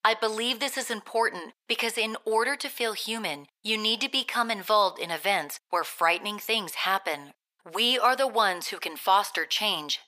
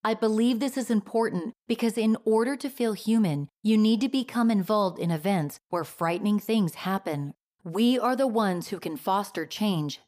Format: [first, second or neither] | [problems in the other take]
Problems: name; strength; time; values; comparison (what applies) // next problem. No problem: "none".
second | thin; very; fading below 700 Hz